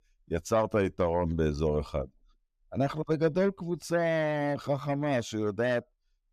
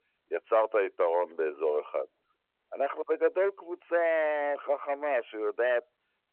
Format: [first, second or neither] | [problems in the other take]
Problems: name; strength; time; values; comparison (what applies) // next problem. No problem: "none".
first | phone-call audio